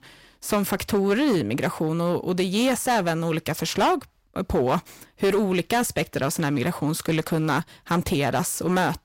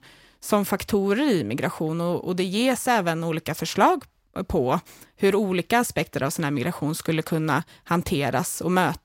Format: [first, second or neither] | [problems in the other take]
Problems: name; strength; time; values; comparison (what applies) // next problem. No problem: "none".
second | distortion; slight; 8% of the sound clipped